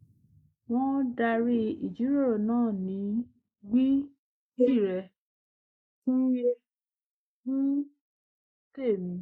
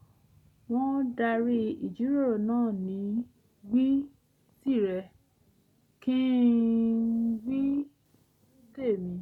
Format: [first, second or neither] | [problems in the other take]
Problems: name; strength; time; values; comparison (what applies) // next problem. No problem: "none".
second | noise reduction (neural mask model Resemble Enhance denoiser)